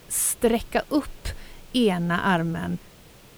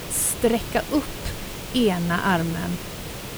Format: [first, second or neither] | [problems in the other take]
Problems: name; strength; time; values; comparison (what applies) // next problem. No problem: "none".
first | hiss; loud; throughout; 10 dB below the speech; faint in the first